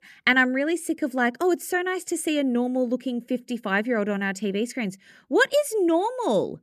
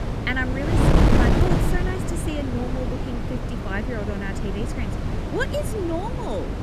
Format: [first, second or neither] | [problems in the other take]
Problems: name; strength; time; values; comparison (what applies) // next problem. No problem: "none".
first | wind noise on the microphone; heavy; 1 dB above the speech